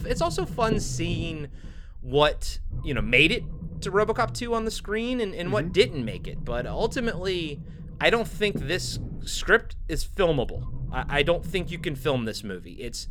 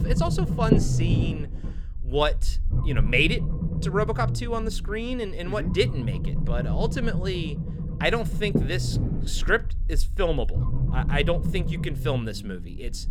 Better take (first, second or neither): first